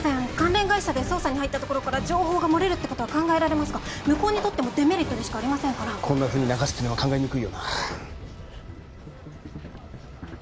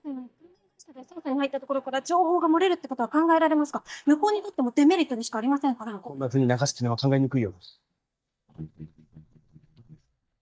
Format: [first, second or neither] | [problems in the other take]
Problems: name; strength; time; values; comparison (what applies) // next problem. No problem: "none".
first | noise reduction (neural mask model DeepFilterNet 3)